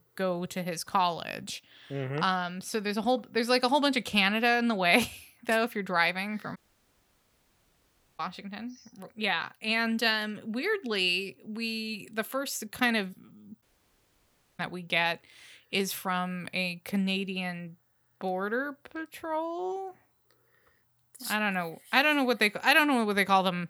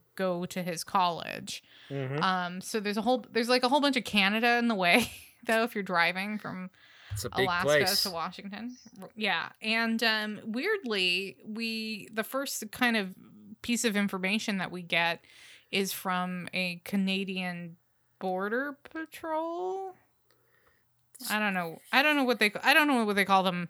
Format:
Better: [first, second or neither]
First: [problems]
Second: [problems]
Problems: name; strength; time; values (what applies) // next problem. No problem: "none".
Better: second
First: audio cutting out; at 6.5 s for 1.5 s and at 14 s for 1 s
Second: none